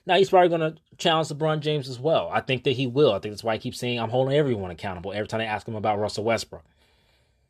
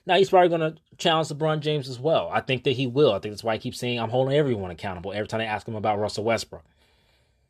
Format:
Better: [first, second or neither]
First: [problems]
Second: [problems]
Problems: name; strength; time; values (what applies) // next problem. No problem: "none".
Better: neither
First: none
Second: none